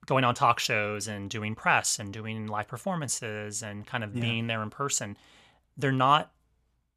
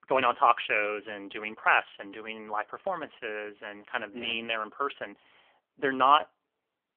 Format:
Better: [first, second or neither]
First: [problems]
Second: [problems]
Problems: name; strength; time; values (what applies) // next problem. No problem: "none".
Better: first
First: none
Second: phone-call audio; poor line; nothing above 3 kHz